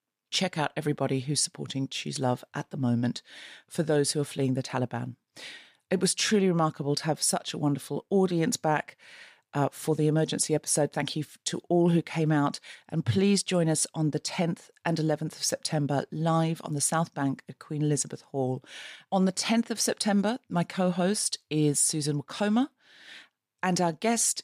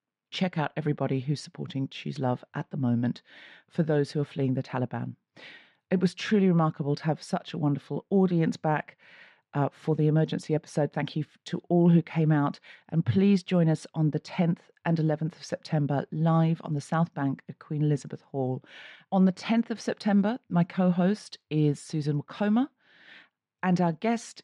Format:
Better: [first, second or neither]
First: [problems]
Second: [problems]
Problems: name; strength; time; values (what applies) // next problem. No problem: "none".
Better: first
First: none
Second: muffled; slightly; fading above 3 kHz